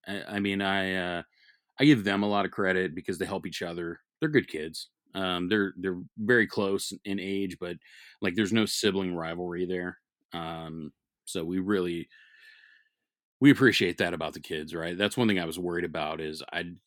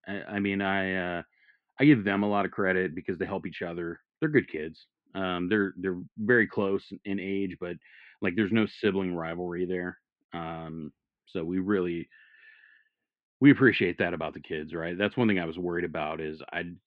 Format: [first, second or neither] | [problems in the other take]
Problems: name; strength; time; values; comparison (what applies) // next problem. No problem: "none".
first | muffled; very; fading above 2.5 kHz